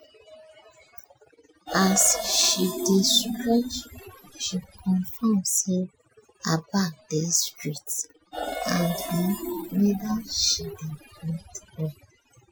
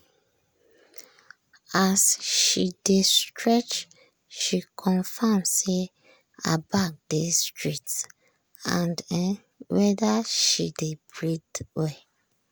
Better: second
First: noise reduction (classical method Wiener filter)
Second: none

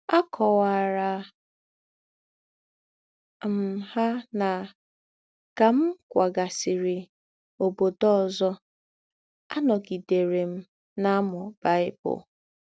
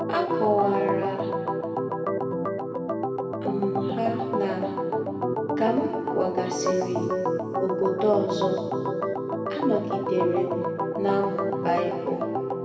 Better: first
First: none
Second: background sound (Organ); 1 dB above the speech // room echo; dies away in 1.9 s

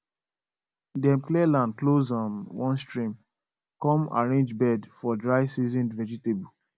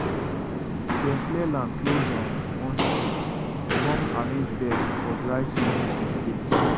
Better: first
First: none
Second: background sound (Walk, footsteps); 4 dB above the speech

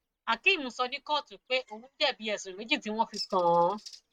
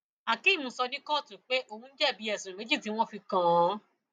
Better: second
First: noise reduction (neural mask model RNNoise)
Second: none

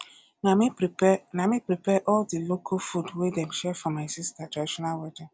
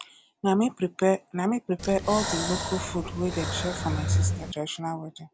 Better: first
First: none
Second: background sound (Breathing); 1 dB below the speech

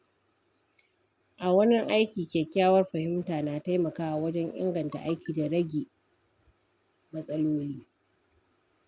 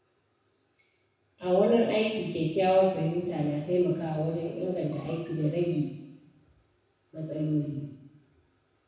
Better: first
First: none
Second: room echo; dies away in 1 s

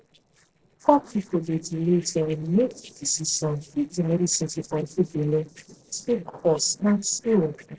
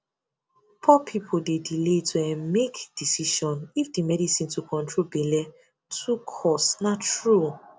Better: second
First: noise reduction (neural separator model SepFormer DNS4)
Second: none

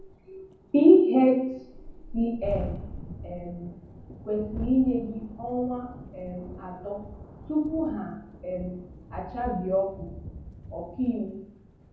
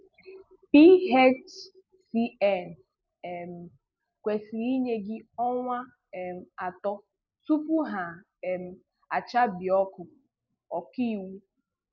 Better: second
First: background sound (Thunderstorm); 13 dB below the speech // room echo; dies away in 0.7 s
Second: none

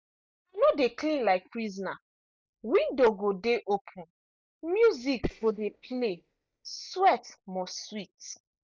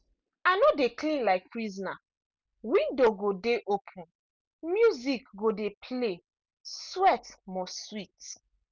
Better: second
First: noise reduction (neural mask model DeepFilterNet 3)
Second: none

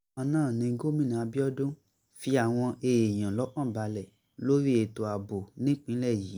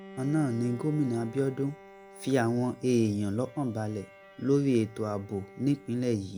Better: first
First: none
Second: background sound (Bowed string instrument); 19 dB below the speech

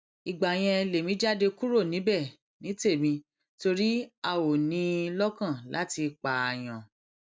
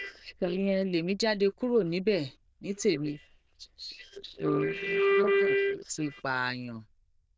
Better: first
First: none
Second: noise reduction (neural diffusion model UNIVERSE++)

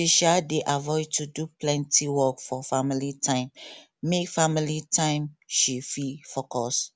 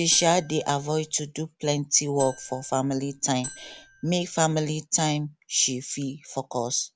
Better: first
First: none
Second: background sound (Marimba, xylophone); 16 dB below the speech

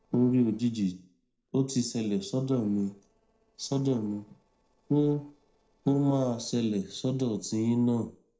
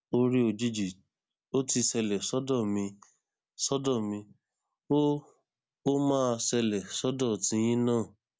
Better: second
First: noise reduction (neural separator model SepFormer DNS4)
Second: none

